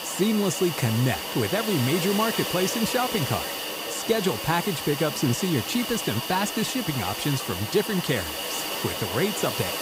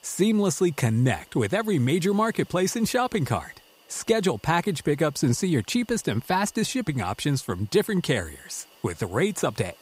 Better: second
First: hiss; loud; throughout; 3 dB below the speech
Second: hiss; faint; throughout; 30 dB below the speech

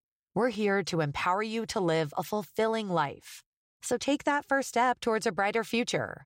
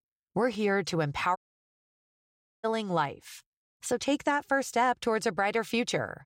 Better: first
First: none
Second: audio cutting out; at 1.5 s for 1.5 s

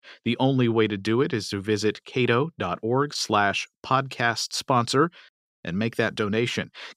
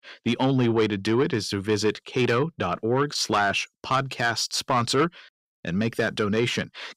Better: first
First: none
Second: distortion; slight; 10 dB below the speech

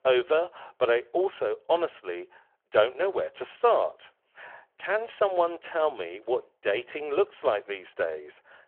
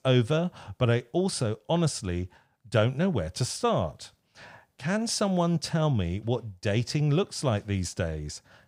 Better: second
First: phone-call audio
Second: none

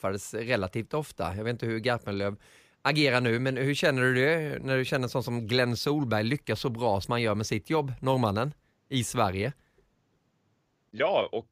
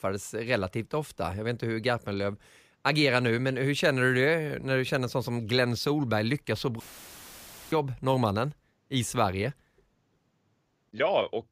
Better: first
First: none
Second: audio cutting out; filled with static; at 7 s for 1 s

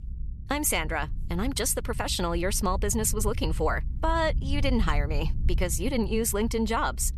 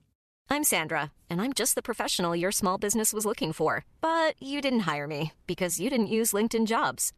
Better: second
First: low rumble; faint; throughout; 20 dB below the speech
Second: none

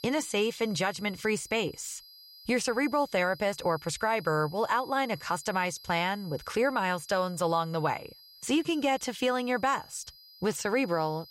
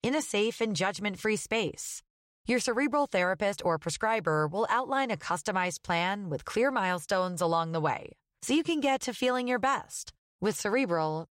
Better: second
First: high-pitched whine; noticeable; throughout; 5 kHz, 20 dB below the speech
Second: none

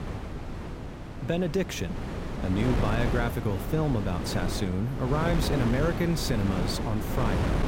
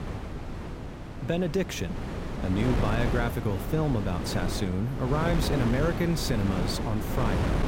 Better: neither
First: wind noise on the microphone; heavy; 4 dB below the speech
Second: wind noise on the microphone; heavy; 4 dB below the speech

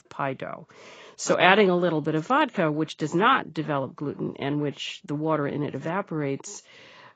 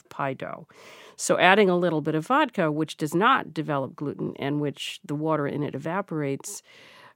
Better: second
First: garbled, watery; badly; nothing above 7.5 kHz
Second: none

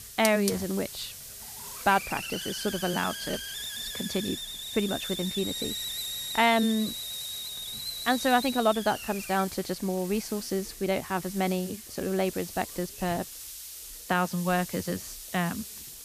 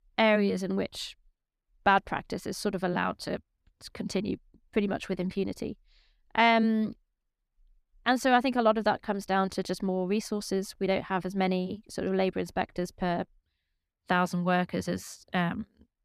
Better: second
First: hiss; loud; throughout; 6 dB below the speech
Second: none

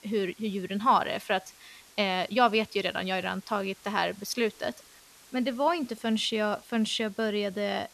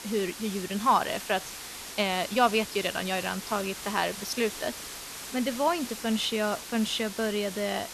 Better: first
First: hiss; faint; throughout; 25 dB below the speech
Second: hiss; loud; throughout; 9 dB below the speech

